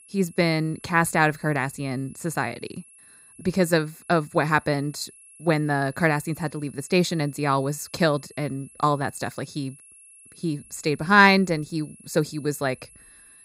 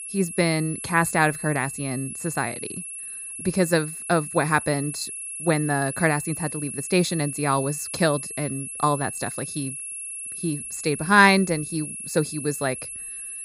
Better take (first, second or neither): first